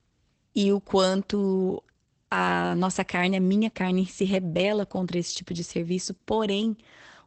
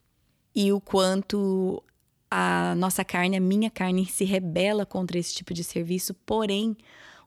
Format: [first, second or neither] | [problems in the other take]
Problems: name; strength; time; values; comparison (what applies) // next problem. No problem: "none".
second | garbled, watery; badly; nothing above 8 kHz